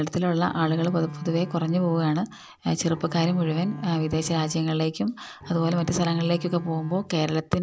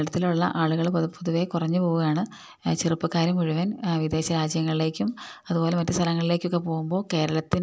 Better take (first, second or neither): second